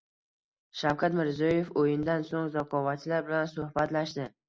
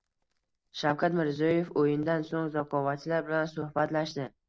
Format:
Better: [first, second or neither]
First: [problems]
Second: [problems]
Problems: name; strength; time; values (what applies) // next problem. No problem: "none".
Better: first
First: none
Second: noise reduction (neural separator model SepFormer DNS4)